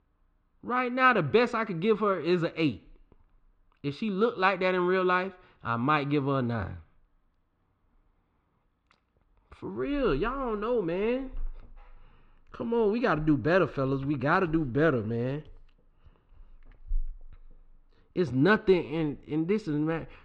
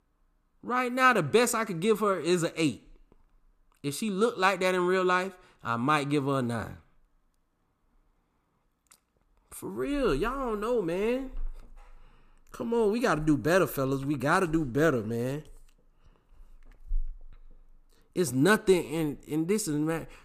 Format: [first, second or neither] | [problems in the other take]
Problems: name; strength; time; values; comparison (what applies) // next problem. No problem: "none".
second | muffled; slightly; fading above 4 kHz